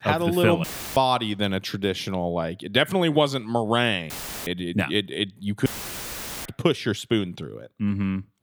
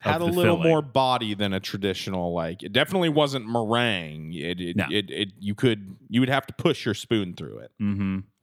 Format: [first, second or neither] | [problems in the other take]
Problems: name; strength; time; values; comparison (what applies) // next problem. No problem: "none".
second | audio cutting out; filled with static; at 0.5 s, at 4 s and at 5.5 s for 1 s